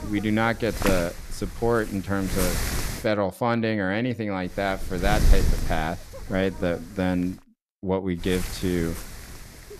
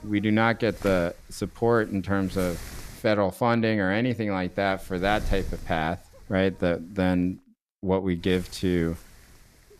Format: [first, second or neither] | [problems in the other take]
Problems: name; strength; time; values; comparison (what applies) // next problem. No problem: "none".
second | wind noise on the microphone; heavy; until 3 s, from 4.5 to 7.5 s and from 8 s on; 8 dB below the speech; occasional gusts in the second